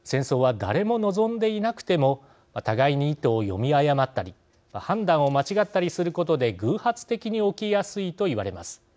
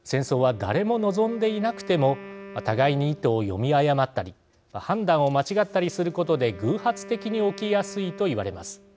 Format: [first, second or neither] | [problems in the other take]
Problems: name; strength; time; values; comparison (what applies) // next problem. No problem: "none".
first | background sound (Wind instrument, woodwind instrument); 18 dB below the speech